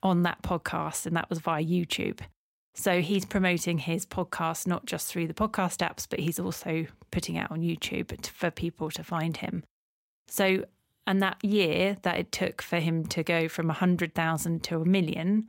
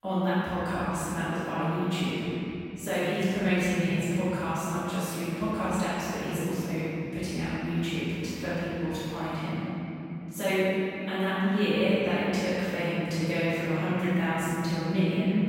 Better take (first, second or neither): first